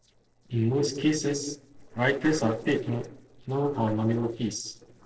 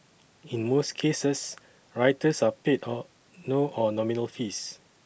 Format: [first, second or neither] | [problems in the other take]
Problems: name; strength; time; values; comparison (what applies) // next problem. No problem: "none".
second | noise reduction (neural separator model SepFormer DNS4)